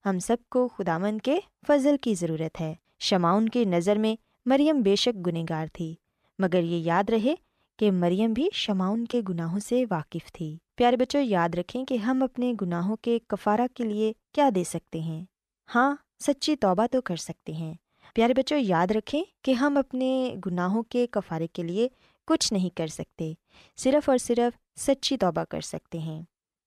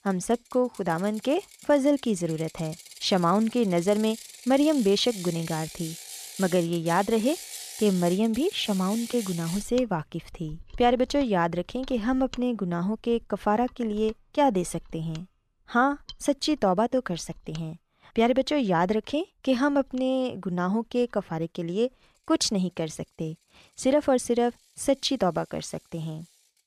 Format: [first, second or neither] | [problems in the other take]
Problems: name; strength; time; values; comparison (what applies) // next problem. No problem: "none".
first | machinery noise; noticeable; throughout; 15 dB below the speech